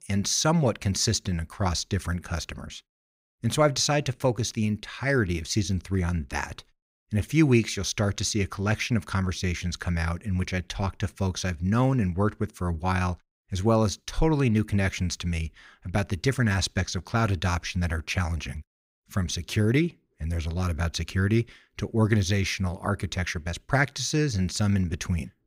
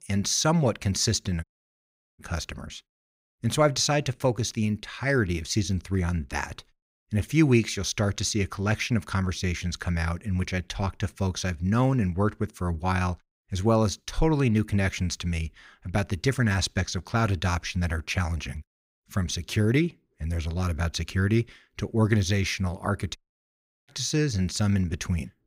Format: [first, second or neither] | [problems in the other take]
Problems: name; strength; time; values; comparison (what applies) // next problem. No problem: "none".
first | audio cutting out; at 1.5 s for 0.5 s and at 23 s for 0.5 s